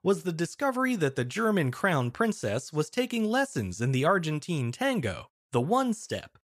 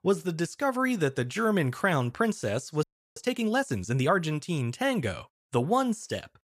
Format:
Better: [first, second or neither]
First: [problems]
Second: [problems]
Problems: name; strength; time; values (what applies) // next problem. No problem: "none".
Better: first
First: none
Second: audio freezing; at 3 s